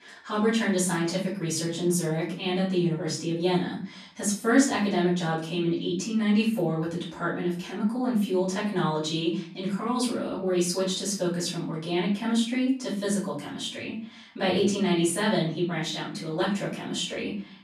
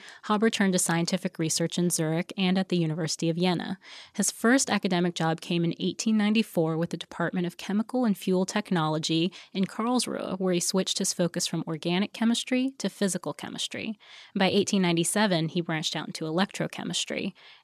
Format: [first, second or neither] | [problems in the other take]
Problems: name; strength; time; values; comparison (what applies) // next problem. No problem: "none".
second | off-mic speech; far // room echo; noticeable; dies away in 0.4 s